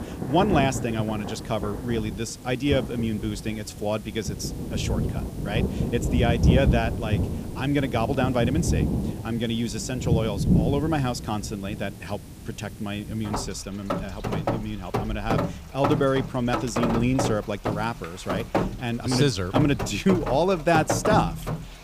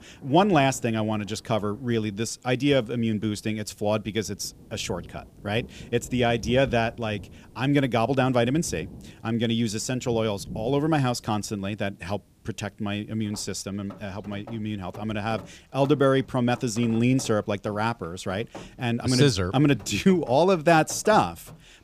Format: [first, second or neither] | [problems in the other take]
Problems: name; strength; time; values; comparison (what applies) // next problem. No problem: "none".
second | rain or running water; loud; throughout; 2 dB below the speech; faint in the second